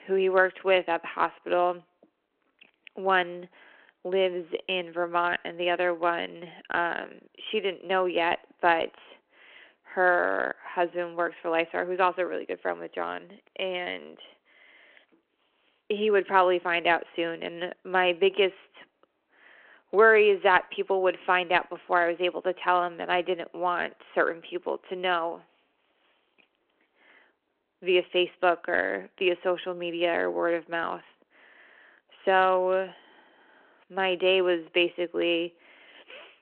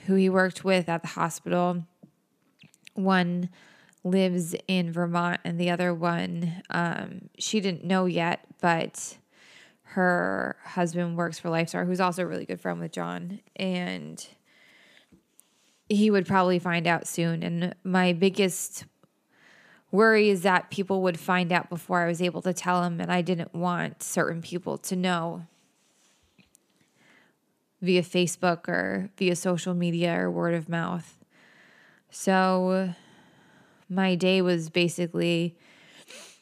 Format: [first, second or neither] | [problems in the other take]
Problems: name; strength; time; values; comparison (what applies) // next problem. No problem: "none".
second | phone-call audio